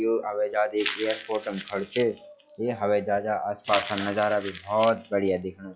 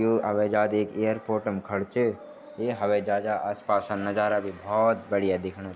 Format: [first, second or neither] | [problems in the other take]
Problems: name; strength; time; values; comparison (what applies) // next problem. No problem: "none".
second | noise reduction (classical method log-MMSE)